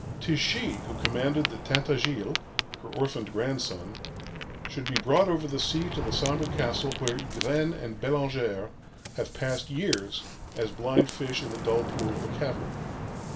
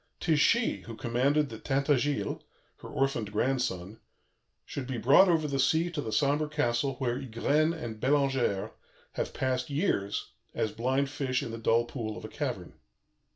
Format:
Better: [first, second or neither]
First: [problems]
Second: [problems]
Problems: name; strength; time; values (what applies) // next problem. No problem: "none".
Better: second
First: background sound (Ocean); 5 dB below the speech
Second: none